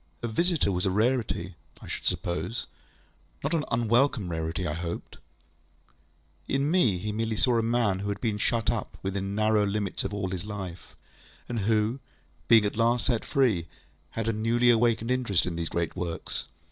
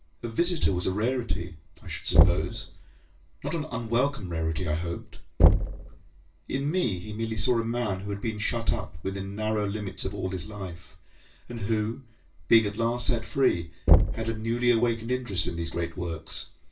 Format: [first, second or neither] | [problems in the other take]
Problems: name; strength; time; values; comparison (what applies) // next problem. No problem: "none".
first | background sound (Knock / Wood); 1 dB above the speech // room echo; dies away in 0.2 s